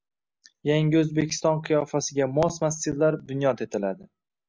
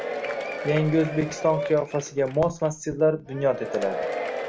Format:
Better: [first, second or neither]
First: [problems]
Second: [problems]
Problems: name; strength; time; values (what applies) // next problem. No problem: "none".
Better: first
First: none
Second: background sound (Applause / Crowd / Cheering); 7 dB below the speech // room echo; dies away in 0.2 s